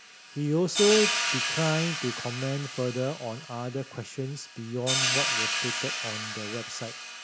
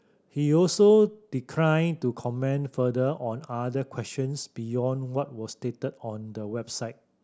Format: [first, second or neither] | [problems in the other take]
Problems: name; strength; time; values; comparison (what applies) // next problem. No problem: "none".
second | background sound (Hi-hat); 1 dB below the speech